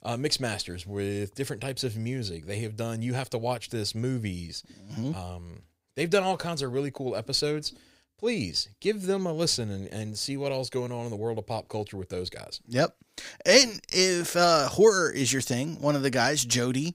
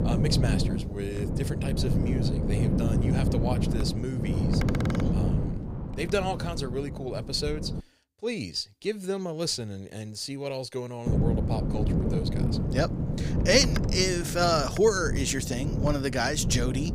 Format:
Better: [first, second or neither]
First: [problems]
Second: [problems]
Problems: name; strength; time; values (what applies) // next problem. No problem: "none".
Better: first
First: none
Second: wind noise on the microphone; heavy; until 8 s and from 11 s on; 7 dB below the speech